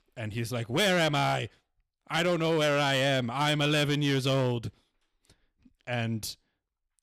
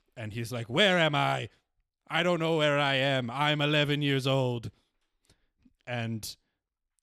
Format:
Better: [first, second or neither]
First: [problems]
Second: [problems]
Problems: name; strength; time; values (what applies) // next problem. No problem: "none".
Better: second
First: distortion; slight; 8% of the sound clipped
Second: none